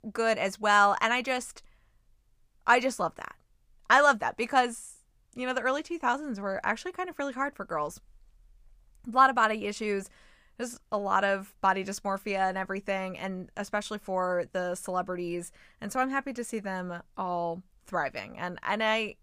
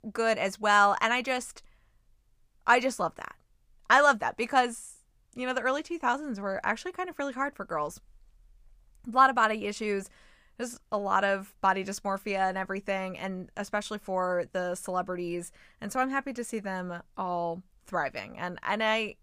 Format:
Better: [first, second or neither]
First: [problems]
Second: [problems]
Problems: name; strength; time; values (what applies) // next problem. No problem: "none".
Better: neither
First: none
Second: none